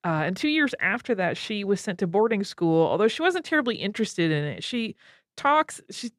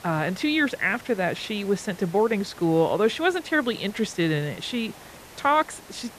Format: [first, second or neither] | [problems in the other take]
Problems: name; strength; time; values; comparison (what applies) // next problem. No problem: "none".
first | hiss; noticeable; throughout; 20 dB below the speech